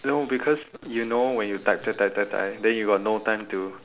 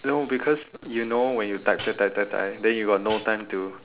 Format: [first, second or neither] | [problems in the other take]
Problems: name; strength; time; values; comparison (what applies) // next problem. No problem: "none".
first | background sound (Hi-hat); 14 dB below the speech